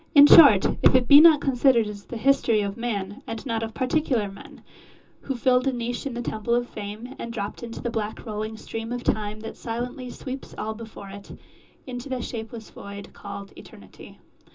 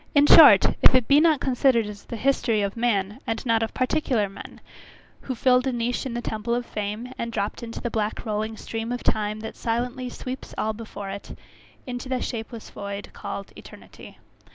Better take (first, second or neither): second